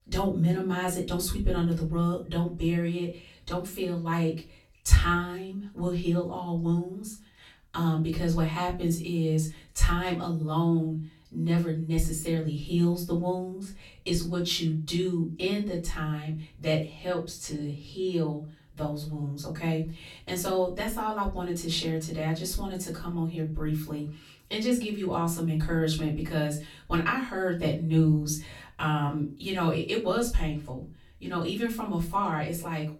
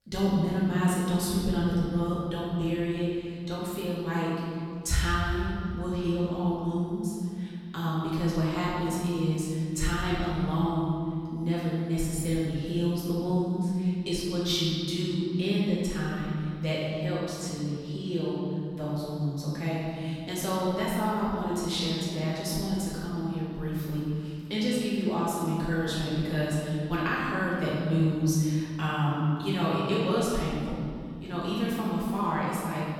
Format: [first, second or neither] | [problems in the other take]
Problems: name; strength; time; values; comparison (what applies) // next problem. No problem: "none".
first | room echo; strong; dies away in 2.2 s; slight in the first // off-mic speech; far; far in the first